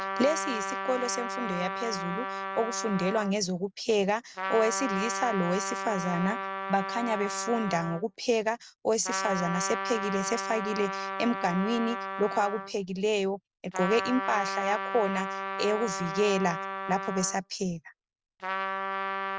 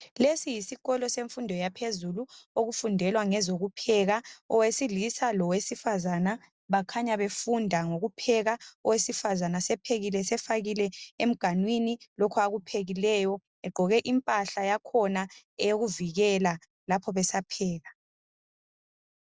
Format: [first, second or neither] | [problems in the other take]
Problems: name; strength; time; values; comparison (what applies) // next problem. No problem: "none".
second | background sound (Trumpet); 5 dB below the speech